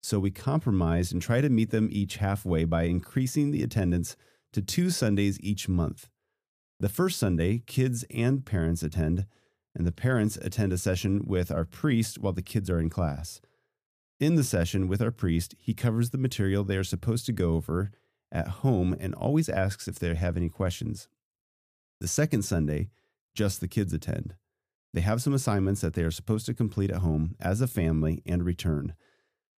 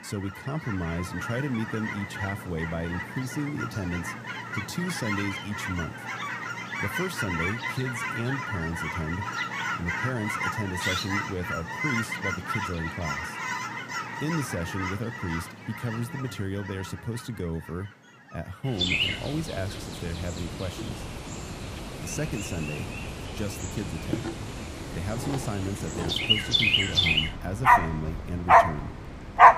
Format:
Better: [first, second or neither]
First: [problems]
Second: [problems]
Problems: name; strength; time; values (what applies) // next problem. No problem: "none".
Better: first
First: none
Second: animal sounds; very loud; throughout; 5 dB above the speech